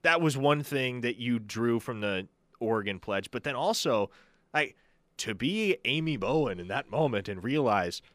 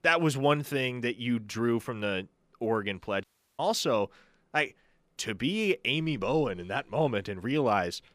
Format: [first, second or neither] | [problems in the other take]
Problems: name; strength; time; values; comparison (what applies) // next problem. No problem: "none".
first | audio cutting out; at 3 s